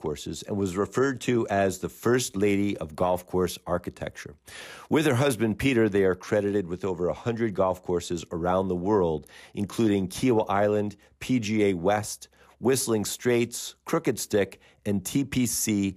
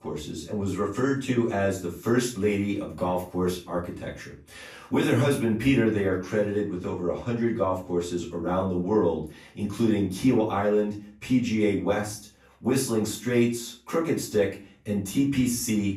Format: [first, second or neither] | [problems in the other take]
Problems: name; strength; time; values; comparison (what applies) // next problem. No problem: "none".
first | room echo; slight; dies away in 0.3 s // off-mic speech; far